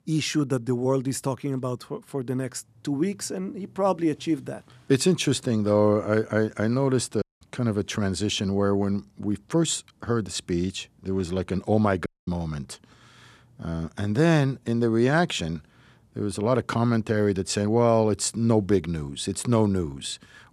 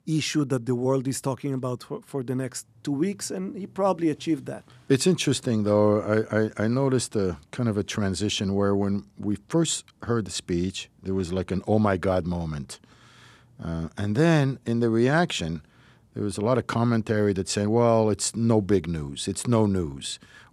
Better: second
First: audio cutting out; at 7 s and at 12 s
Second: none

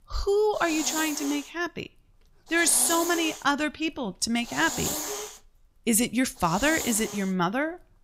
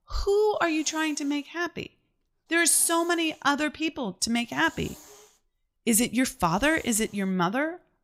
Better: second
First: hiss; loud; throughout; 7 dB below the speech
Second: hiss; faint; throughout; 25 dB below the speech

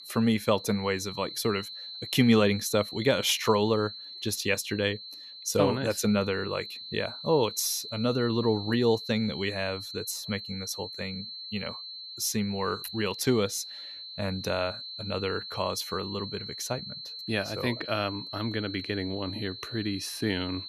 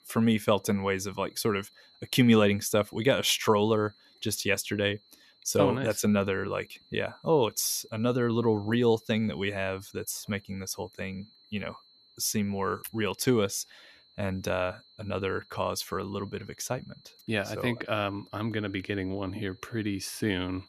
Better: second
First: high-pitched whine; loud; throughout; 4 kHz, 9 dB below the speech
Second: high-pitched whine; faint; throughout; 4 kHz, 30 dB below the speech

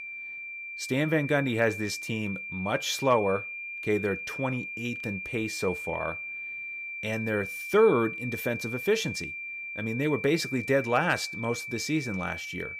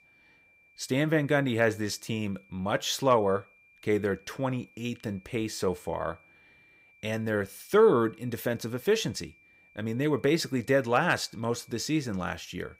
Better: second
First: high-pitched whine; loud; throughout; 2.5 kHz, 6 dB below the speech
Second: high-pitched whine; faint; throughout; 2.5 kHz, 30 dB below the speech

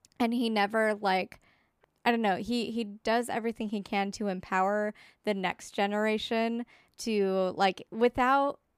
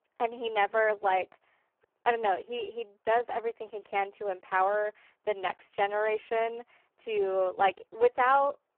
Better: first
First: none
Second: phone-call audio; poor line

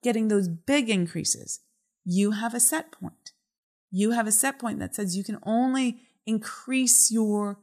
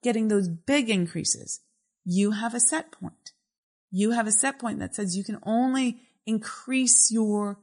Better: first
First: none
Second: garbled, watery; slightly; nothing above 10.5 kHz

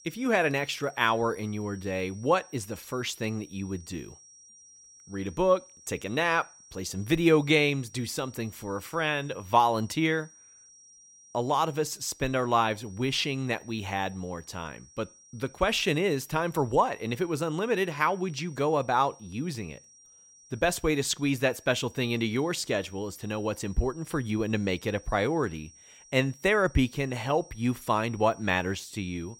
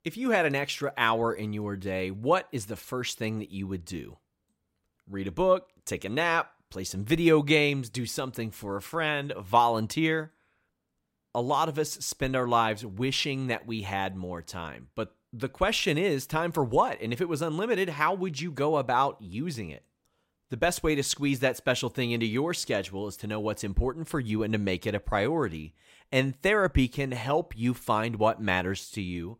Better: second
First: high-pitched whine; faint; throughout; 5.5 kHz, 25 dB below the speech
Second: none

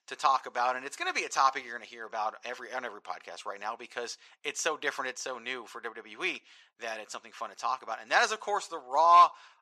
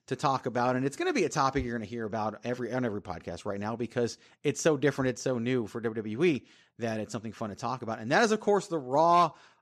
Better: second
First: thin; very; fading below 800 Hz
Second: none

